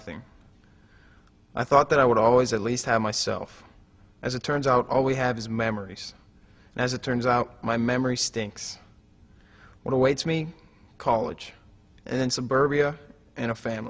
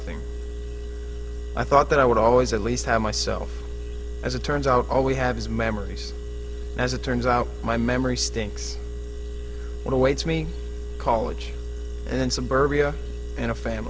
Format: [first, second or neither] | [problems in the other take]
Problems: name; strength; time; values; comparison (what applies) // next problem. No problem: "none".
first | background sound (Engine); 6 dB below the speech